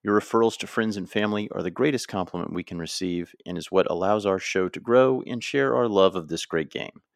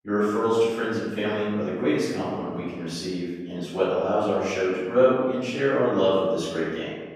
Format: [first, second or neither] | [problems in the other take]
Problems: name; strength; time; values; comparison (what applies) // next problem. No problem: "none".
first | off-mic speech; far // room echo; strong; dies away in 1.2 s